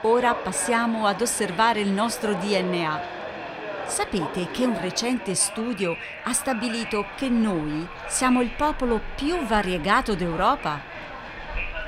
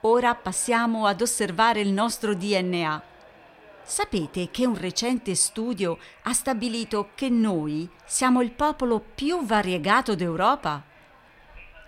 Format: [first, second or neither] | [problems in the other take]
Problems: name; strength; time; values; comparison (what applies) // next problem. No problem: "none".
second | crowd noise; loud; throughout; 9 dB below the speech; faint in the second